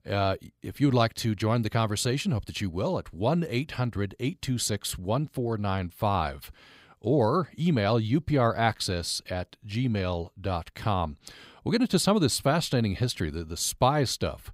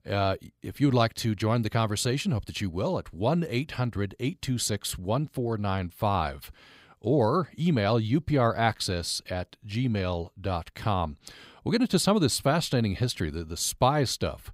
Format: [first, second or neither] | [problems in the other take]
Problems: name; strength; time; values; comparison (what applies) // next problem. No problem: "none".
neither | none